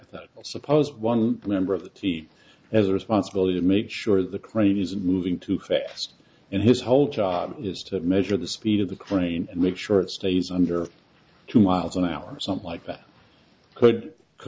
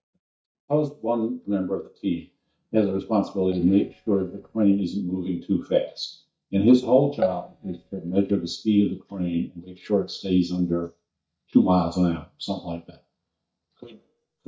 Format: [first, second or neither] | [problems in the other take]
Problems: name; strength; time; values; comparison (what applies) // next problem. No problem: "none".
first | noise reduction (neural mask model DeepFilterNet 3)